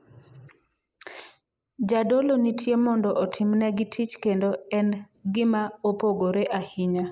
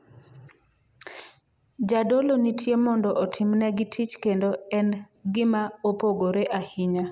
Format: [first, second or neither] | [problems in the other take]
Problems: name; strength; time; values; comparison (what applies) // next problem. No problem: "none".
second | noise reduction (neural mask model Resemble Enhance denoiser)